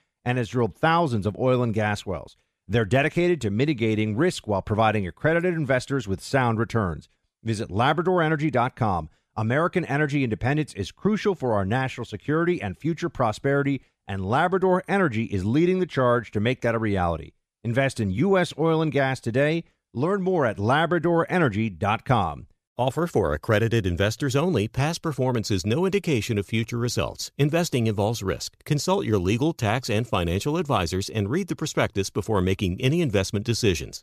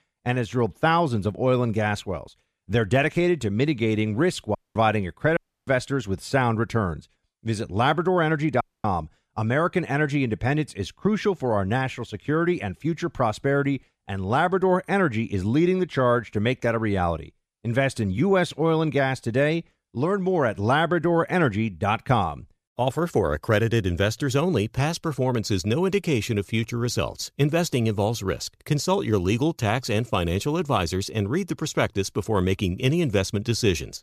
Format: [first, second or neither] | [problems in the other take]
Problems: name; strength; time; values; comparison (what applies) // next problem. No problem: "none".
first | audio cutting out; at 4.5 s, at 5.5 s and at 8.5 s